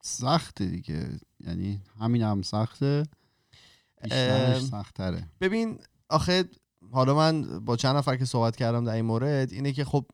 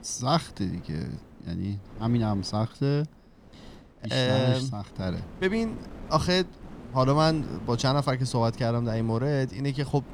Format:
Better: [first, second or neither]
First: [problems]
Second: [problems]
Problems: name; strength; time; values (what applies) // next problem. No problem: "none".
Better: first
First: none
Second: wind noise on the microphone; occasional gusts; 20 dB below the speech